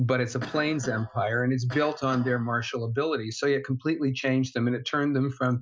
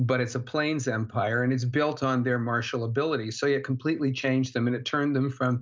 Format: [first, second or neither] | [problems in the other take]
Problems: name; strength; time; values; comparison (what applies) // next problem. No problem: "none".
second | noise reduction (classical method Wiener filter)